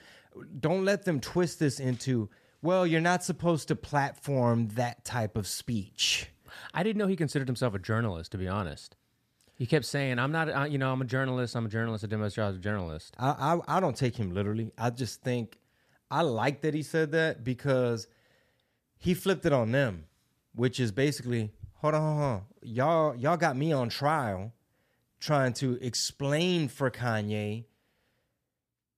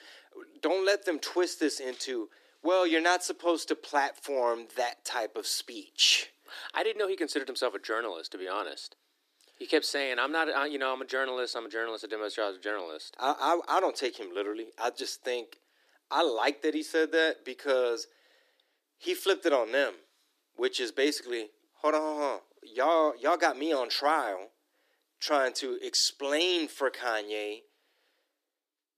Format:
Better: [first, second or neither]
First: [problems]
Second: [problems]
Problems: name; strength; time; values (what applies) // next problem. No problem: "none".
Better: first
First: none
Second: thin; very; fading below 300 Hz